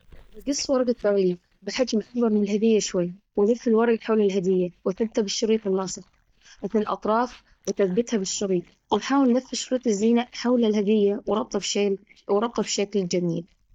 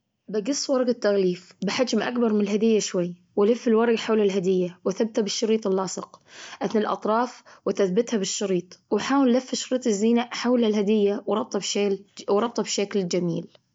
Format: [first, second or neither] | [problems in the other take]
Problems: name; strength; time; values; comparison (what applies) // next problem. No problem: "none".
second | noise reduction (neural mask model DeepFilterNet 3)